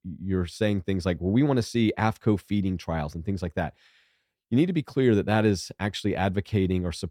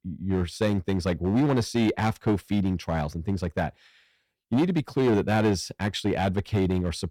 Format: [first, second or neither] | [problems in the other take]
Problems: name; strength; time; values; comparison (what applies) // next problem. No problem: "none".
first | distortion; slight; 7% of the sound clipped